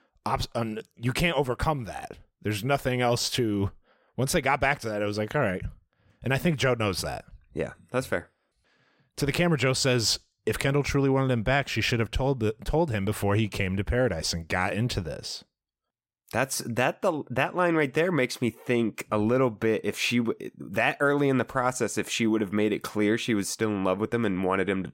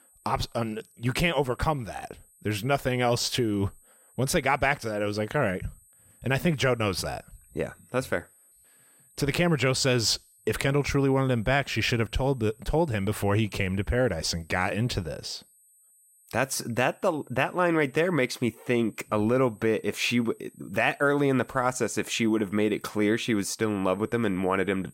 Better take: first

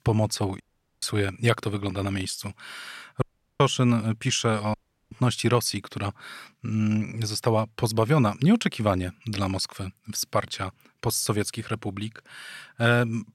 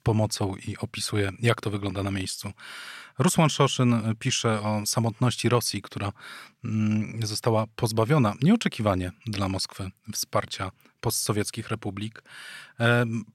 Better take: second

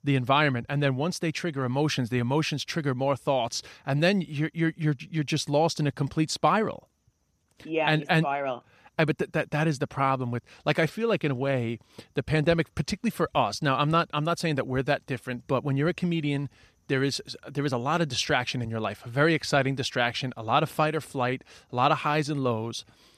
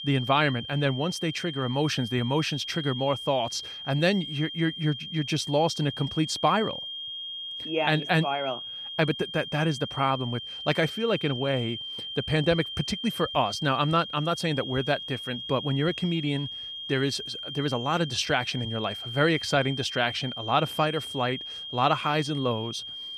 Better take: first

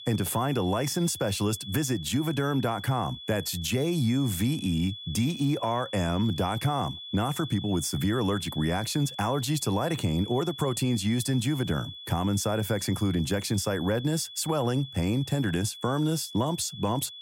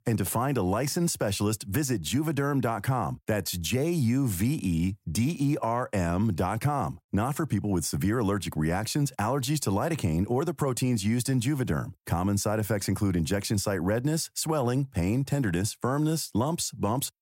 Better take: second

